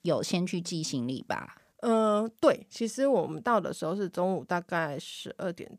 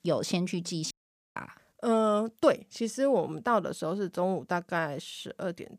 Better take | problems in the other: first | audio cutting out; at 1 s

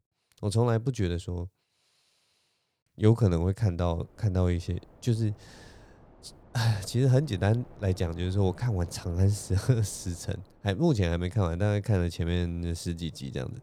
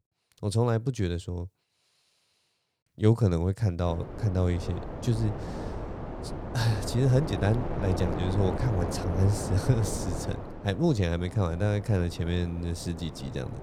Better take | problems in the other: first | wind noise on the microphone; heavy; from 4 s on; 5 dB below the speech; occasional gusts in the first

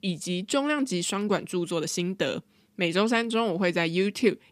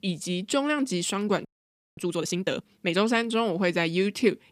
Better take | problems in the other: first | audio freezing; at 1.5 s for 0.5 s

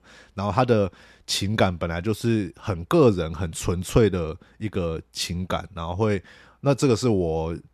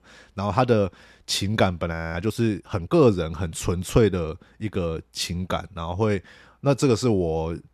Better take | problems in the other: first | audio freezing; at 2 s

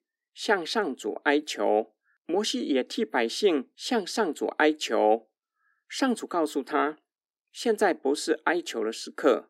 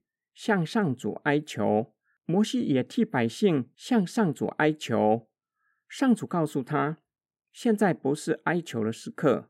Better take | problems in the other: second | thin; somewhat; fading below 300 Hz

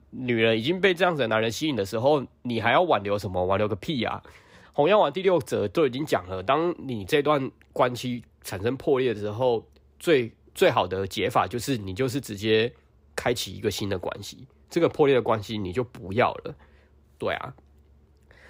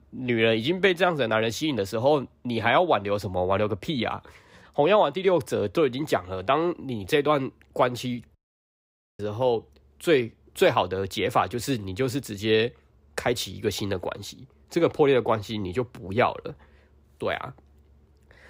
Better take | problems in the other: first | audio cutting out; at 8.5 s for 1 s

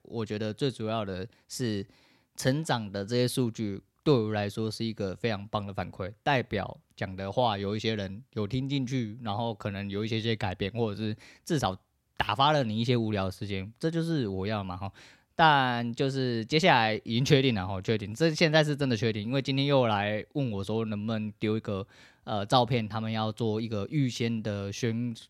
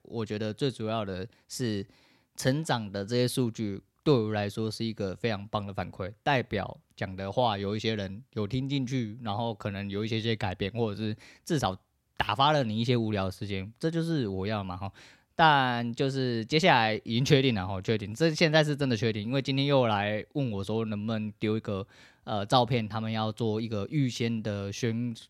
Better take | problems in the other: neither | none

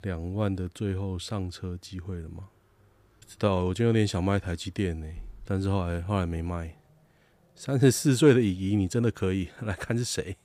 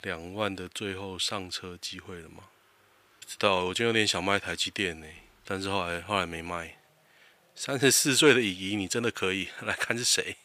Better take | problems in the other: first | thin; somewhat; fading below 1 kHz

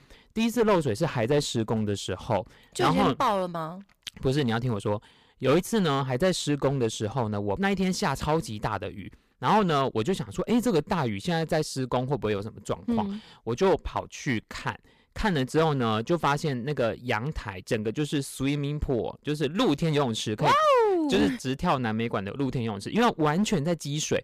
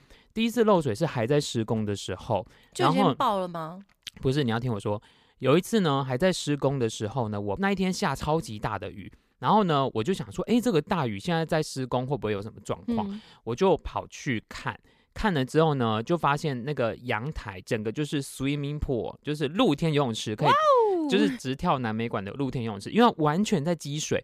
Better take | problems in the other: second | distortion; slight; 6% of the sound clipped

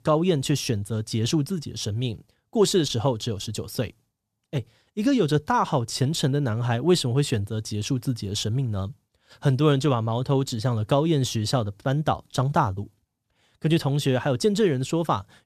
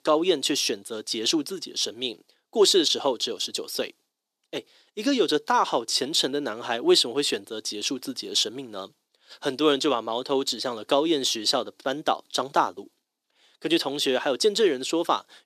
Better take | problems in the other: first | thin; somewhat; fading below 300 Hz

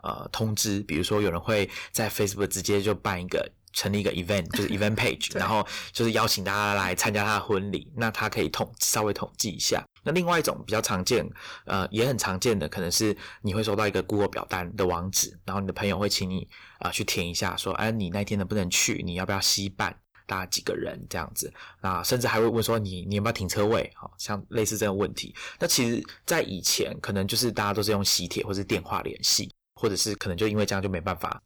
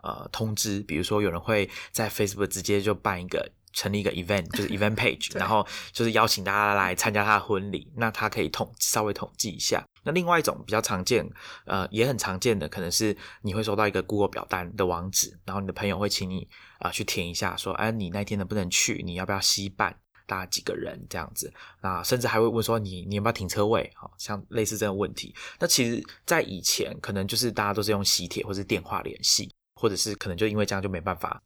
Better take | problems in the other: second | distortion; slight; 4% of the sound clipped

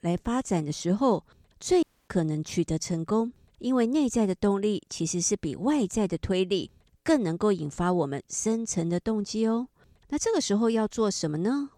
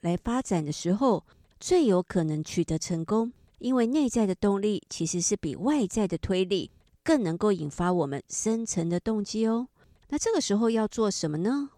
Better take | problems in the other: second | audio cutting out; at 2 s

